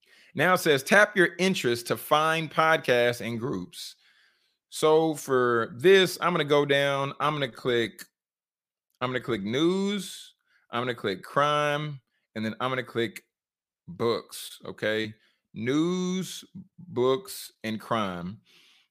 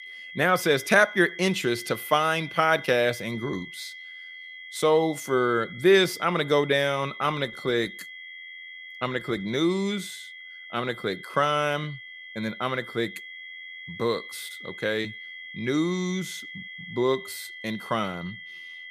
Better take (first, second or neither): first